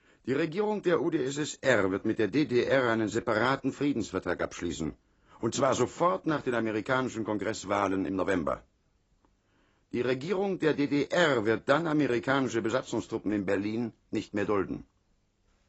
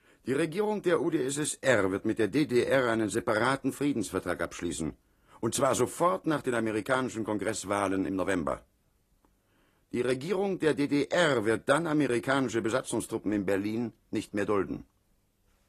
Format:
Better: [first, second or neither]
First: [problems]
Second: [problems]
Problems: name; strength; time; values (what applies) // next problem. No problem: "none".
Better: second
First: garbled, watery; badly; nothing above 7.5 kHz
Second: garbled, watery; slightly